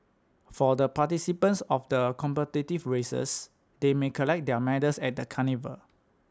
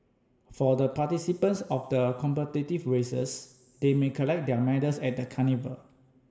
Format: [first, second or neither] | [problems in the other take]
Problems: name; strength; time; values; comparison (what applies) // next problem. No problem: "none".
first | room echo; dies away in 2.1 s